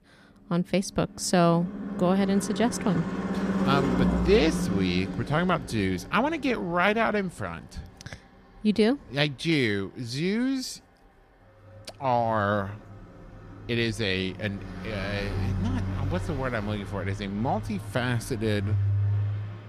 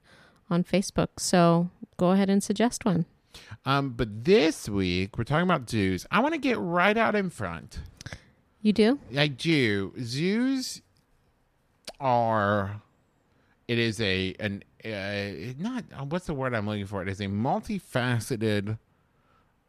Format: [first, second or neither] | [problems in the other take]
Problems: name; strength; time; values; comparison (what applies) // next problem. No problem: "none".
second | traffic noise; loud; throughout; 4 dB below the speech